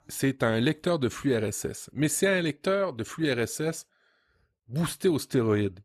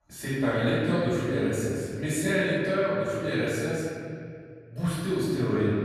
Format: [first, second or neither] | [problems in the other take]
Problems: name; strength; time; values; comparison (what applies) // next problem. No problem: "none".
first | off-mic speech; far // room echo; strong; dies away in 2.2 s